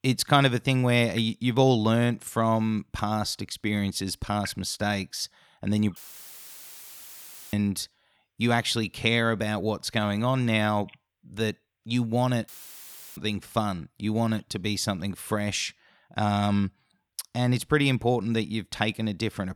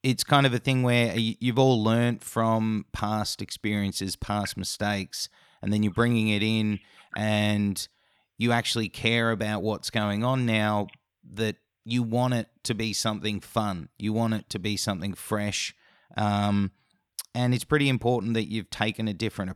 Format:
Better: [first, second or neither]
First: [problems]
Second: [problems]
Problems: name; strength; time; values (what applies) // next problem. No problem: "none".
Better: second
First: audio cutting out; filled with static; at 6 s for 1.5 s and at 12 s for 0.5 s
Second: none